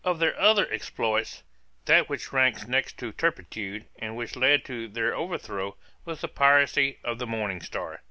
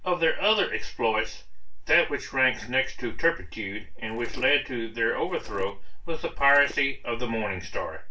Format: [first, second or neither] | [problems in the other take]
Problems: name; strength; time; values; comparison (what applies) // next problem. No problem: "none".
first | background sound (Skateboard); 20 dB below the speech // room echo; dies away in 0.2 s